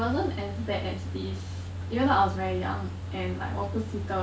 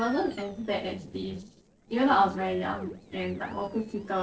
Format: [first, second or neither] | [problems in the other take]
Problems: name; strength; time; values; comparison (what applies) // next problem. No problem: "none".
first | noise reduction (neural separator model SepFormer DNS4)